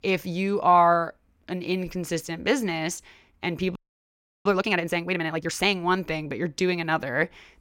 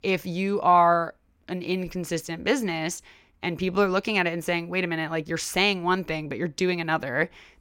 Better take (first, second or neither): second